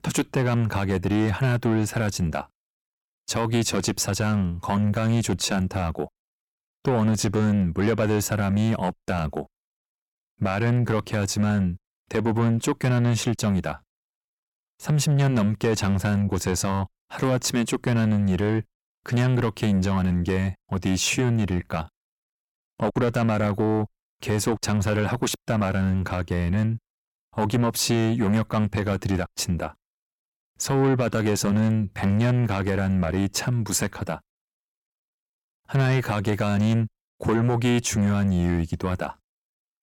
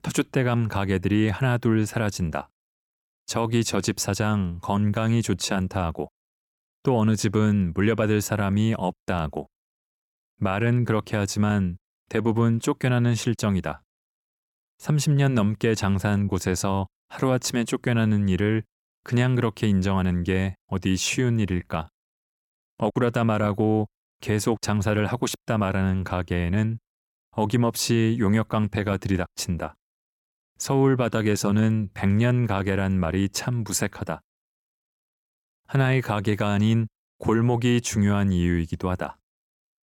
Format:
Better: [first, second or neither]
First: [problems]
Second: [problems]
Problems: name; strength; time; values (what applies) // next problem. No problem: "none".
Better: second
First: distortion; slight; 10 dB below the speech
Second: none